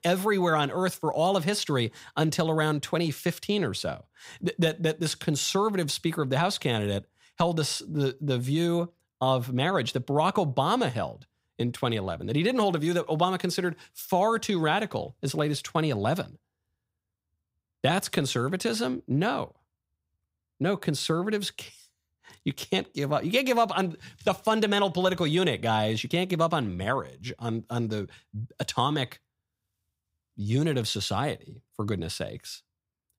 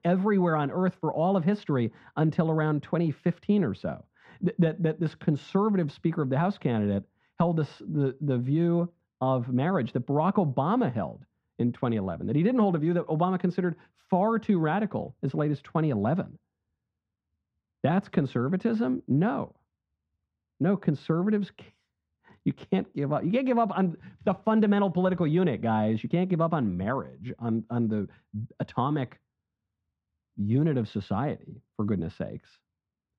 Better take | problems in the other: first | muffled; very; fading above 1.5 kHz

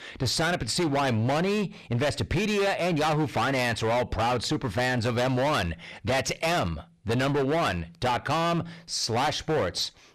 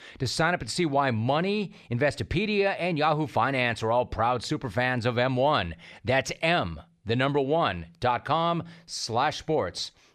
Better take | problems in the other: second | distortion; heavy; 23% of the sound clipped

